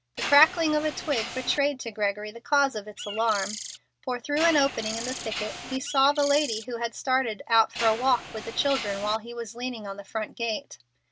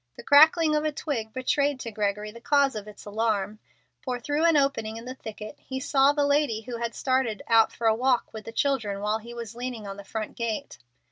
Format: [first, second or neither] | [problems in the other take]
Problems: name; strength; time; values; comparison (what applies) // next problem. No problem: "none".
second | background sound (Mechanisms + Bird); 11 dB below the speech